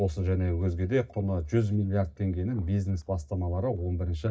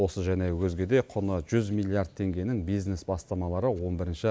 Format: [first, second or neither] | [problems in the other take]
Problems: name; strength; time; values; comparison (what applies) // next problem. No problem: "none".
second | noise reduction (neural mask model DeepFilterNet 3)